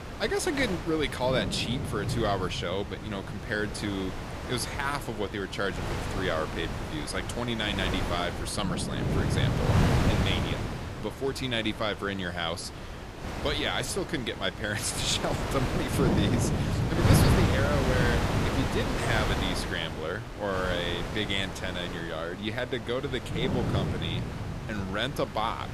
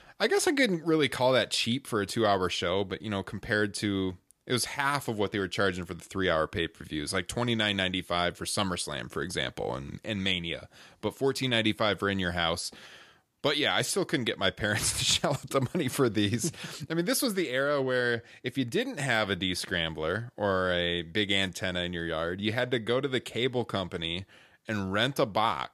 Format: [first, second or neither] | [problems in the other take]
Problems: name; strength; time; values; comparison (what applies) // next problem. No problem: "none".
second | wind noise on the microphone; heavy; 3 dB below the speech